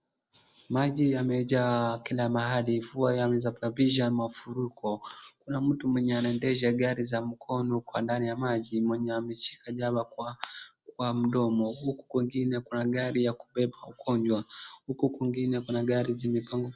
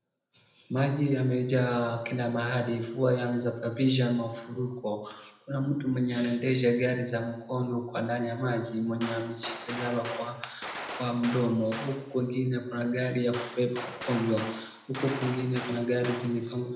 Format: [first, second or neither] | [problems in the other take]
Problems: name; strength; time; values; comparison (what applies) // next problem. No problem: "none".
first | background sound (Gunshot, gunfire); 11 dB below the speech // room echo; dies away in 0.8 s